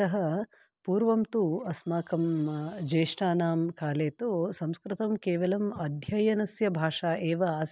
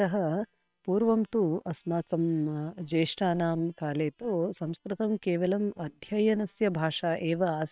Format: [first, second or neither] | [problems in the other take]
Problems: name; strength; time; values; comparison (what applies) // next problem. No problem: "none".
first | noise reduction (neural separator model SepFormer WHAM!)